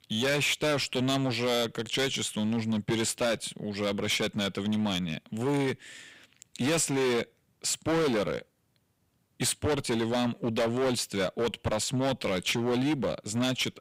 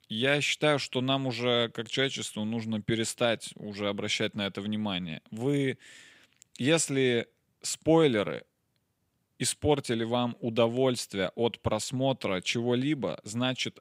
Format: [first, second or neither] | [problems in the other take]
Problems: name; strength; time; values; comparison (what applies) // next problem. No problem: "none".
second | distortion; heavy; 15% of the sound clipped